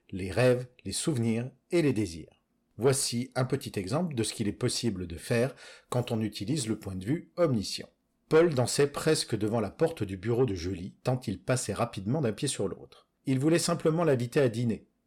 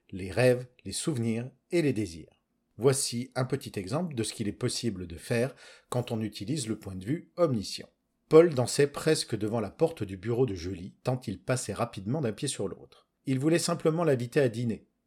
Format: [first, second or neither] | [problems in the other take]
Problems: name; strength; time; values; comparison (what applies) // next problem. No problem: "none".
second | distortion; slight; 10 dB below the speech